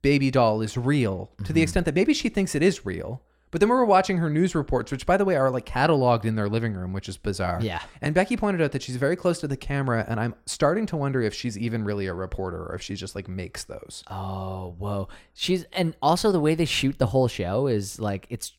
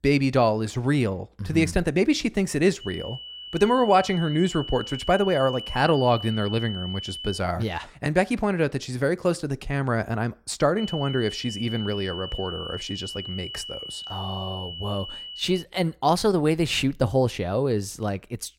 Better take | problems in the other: first | high-pitched whine; loud; from 3 to 7.5 s and from 11 to 16 s; 3 kHz, 10 dB below the speech

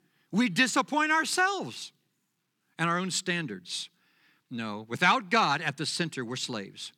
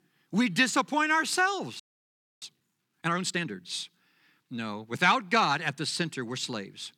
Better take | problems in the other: first | audio freezing; at 2 s for 0.5 s

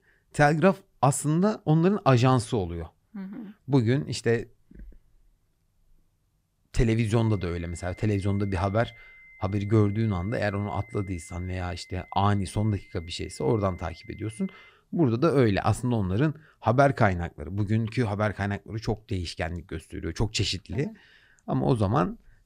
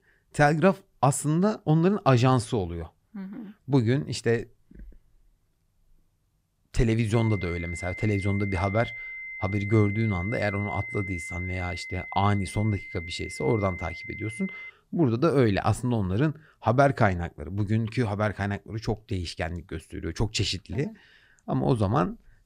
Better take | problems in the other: first | high-pitched whine; loud; from 7 to 15 s; 2 kHz, 10 dB below the speech; faint in the first

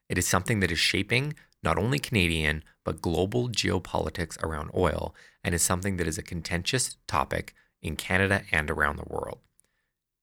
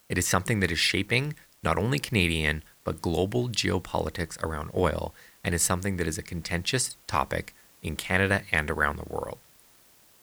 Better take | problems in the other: first | hiss; faint; throughout; 25 dB below the speech

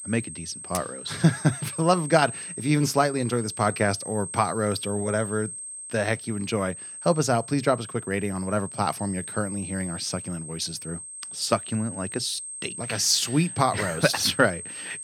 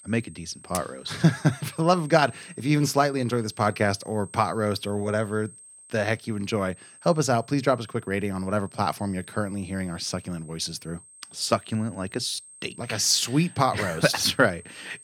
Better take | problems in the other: second | high-pitched whine; loud; throughout; 8.5 kHz, 9 dB below the speech; faint in the second

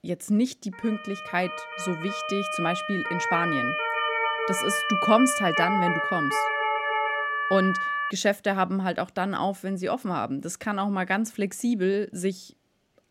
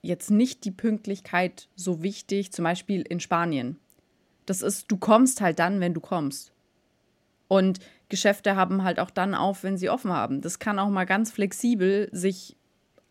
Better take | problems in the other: second | siren; loud; from 1 to 8 s; peak 3 dB above the speech

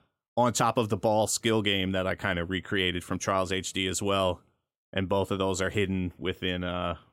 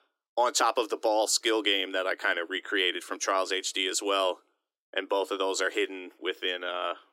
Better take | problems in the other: first | thin; somewhat; fading below 300 Hz

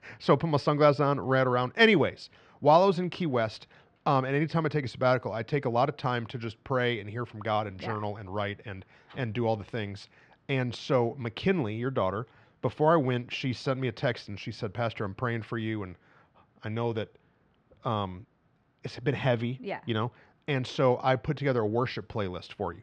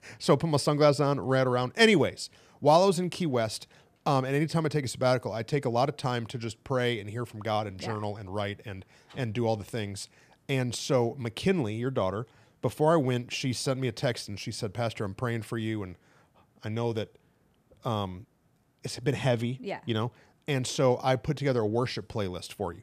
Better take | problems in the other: second | muffled; slightly; fading above 4 kHz

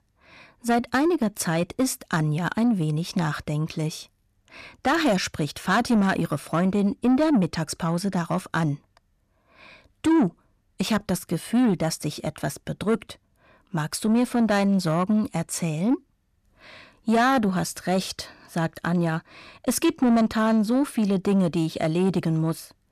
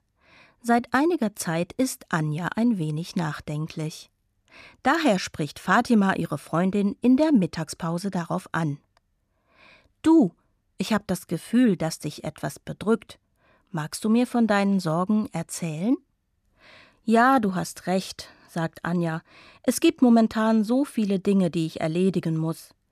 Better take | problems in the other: second | distortion; slight; 10 dB below the speech

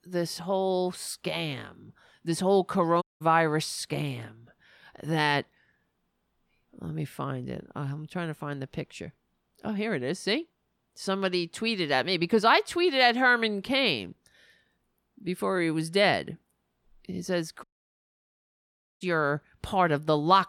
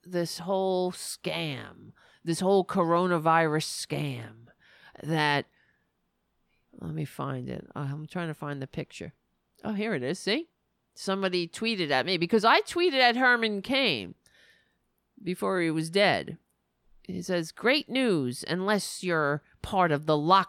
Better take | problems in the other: second | audio cutting out; at 3 s and at 18 s for 1.5 s

